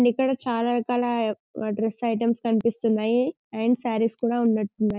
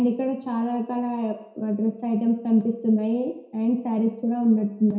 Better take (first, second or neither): first